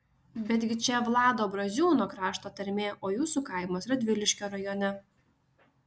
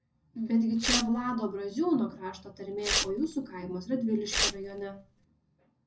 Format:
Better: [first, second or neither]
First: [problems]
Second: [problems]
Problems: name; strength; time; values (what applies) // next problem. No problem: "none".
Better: first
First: none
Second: background sound (Tearing); 3 dB below the speech // room echo; dies away in 0.4 s